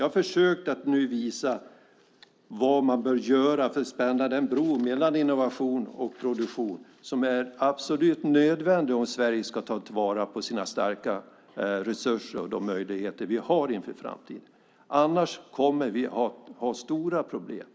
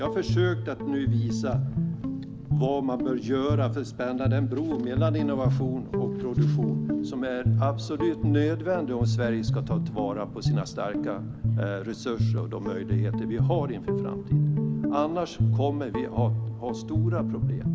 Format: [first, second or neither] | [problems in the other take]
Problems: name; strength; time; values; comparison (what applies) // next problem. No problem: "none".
first | background sound (Guitar); 3 dB above the speech